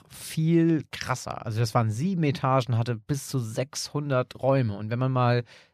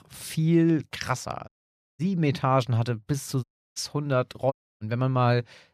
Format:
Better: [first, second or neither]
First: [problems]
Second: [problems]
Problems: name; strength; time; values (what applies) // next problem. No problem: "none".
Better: first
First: none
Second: audio cutting out; at 1.5 s for 0.5 s, at 3.5 s and at 4.5 s